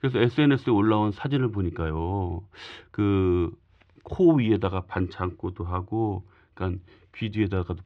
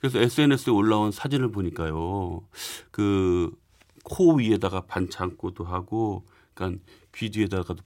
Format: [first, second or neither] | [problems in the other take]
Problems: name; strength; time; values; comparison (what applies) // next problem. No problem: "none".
second | muffled; slightly; fading above 3 kHz